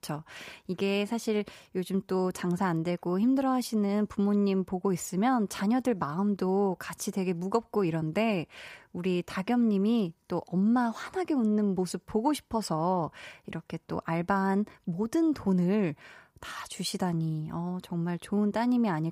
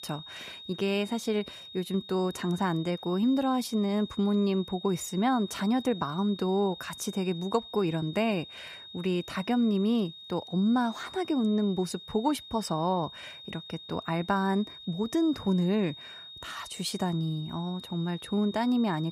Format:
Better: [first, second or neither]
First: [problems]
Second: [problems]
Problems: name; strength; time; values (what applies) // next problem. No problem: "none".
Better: first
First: none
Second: high-pitched whine; noticeable; throughout; 3.5 kHz, 15 dB below the speech